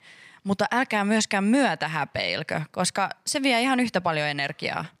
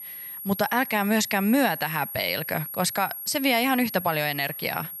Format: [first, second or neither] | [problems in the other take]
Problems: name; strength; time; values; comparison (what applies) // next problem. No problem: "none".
first | high-pitched whine; loud; throughout; 11.5 kHz, 9 dB below the speech